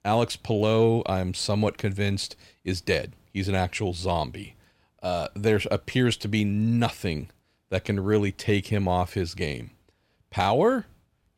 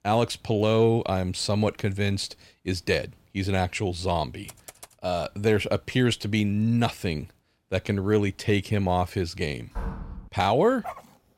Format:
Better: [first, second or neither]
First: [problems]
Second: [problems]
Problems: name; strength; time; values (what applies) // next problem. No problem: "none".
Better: first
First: none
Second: keyboard typing; faint; at 4.5 s; peak 20 dB below the speech // door banging; noticeable; at 10 s; peak 10 dB below the speech // dog barking; faint; at 11 s; peak 15 dB below the speech